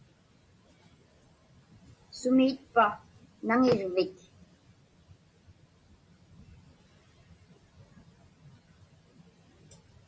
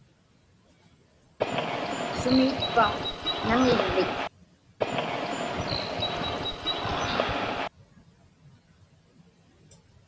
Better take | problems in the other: first | background sound (Bird); 3 dB above the speech

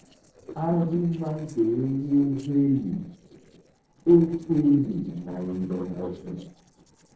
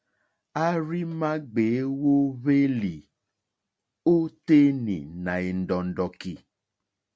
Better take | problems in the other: second | noise reduction (neural separator model SepFormer DNS4)

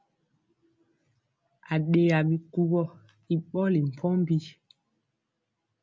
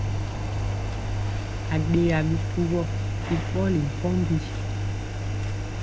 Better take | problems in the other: first | background sound (Engine); 1 dB above the speech

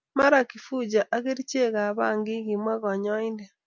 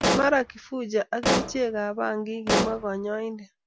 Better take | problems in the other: first | background sound (Explosion); 1 dB below the speech

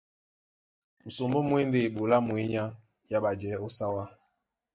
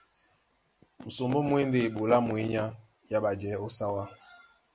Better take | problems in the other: second | noise reduction (neural mask model DeepFilterNet 3)

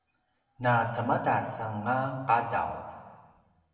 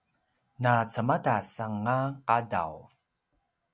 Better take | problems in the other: second | room echo; dies away in 1.5 s

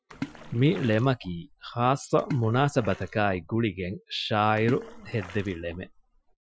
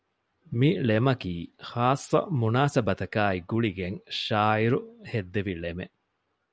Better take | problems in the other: second | noise reduction (classical method Wiener filter)

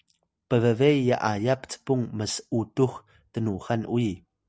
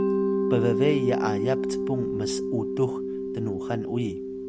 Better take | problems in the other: first | background sound (Mallet percussion); 2 dB above the speech

